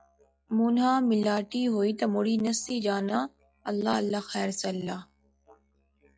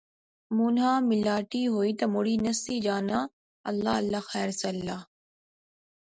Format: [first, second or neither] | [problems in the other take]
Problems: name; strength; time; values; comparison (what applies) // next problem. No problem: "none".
second | noise reduction (classical method log-MMSE)